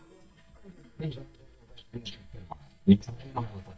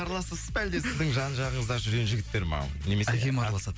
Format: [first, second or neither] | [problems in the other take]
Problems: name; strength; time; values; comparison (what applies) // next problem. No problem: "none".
second | noise reduction (neural mask model DeepFilterNet 3)